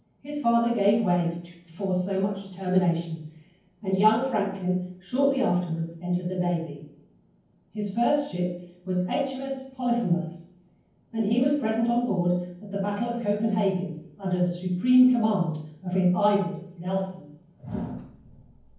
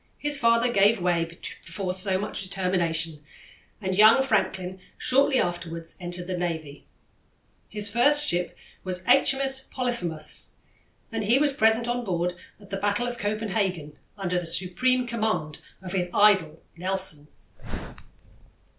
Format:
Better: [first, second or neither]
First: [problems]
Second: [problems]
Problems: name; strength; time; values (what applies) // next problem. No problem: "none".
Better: second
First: room echo; dies away in 0.9 s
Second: none